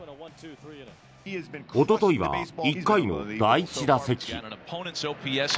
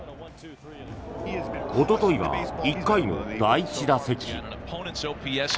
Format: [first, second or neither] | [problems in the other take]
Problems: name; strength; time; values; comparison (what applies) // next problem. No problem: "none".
first | background sound (Crowd); 9 dB below the speech